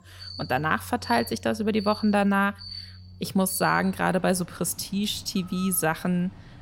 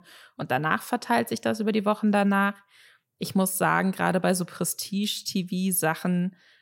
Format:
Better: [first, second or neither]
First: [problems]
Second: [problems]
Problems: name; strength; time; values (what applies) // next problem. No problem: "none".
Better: second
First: animal sounds; noticeable; throughout; 15 dB below the speech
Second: none